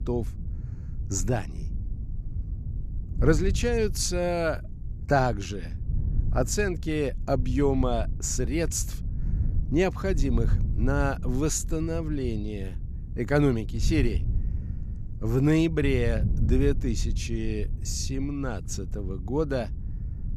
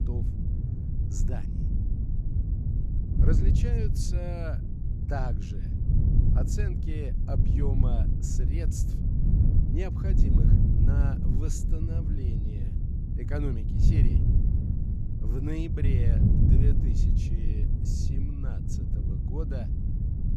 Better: first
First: wind noise on the microphone; occasional gusts; 20 dB below the speech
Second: wind noise on the microphone; heavy; 1 dB above the speech

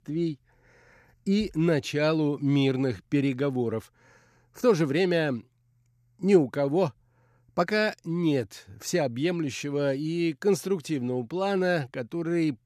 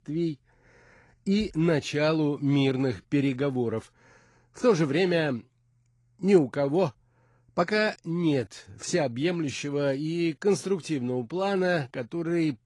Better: first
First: none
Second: garbled, watery; slightly; nothing above 10.5 kHz

